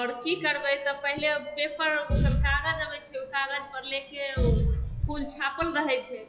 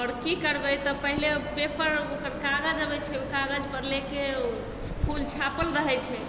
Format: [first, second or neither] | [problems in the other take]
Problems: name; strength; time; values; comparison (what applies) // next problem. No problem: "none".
second | noise reduction (classical method log-MMSE)